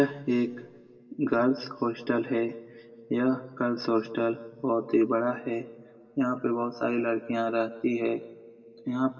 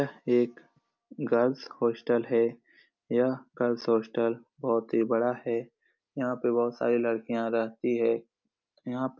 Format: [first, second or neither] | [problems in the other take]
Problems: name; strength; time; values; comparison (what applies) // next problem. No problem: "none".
second | room echo; dies away in 2.3 s